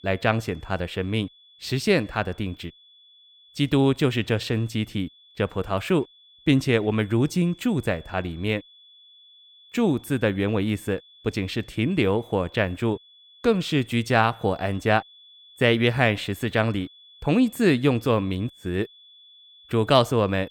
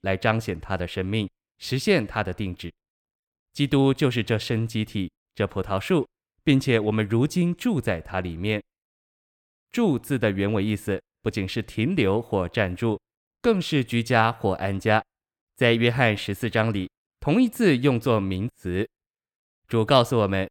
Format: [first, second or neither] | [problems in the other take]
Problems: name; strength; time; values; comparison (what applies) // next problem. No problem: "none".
second | high-pitched whine; faint; throughout; 3.5 kHz, 25 dB below the speech